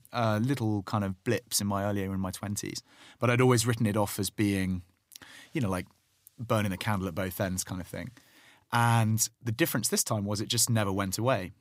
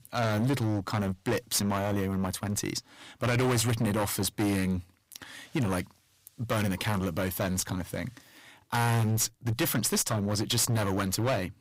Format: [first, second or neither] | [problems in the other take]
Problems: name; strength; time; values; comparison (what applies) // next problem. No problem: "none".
first | distortion; heavy; 17% of the sound clipped